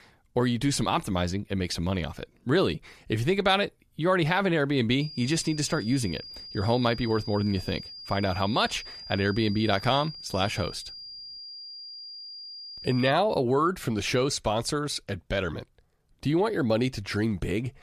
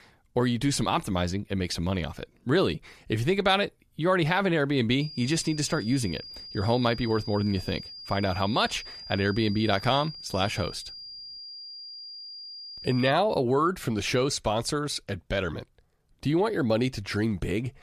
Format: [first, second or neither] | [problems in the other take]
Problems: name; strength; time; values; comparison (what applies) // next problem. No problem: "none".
neither | high-pitched whine; noticeable; from 5 to 13 s; 5 kHz, 15 dB below the speech; the same in both